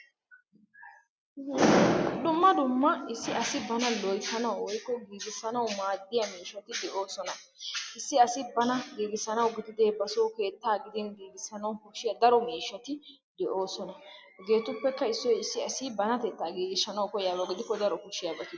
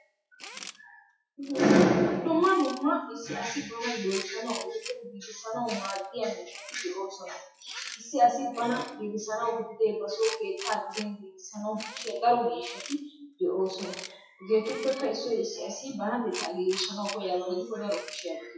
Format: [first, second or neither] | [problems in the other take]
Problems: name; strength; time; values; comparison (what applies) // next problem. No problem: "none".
first | noise reduction (classical method WPE with log-MMSE)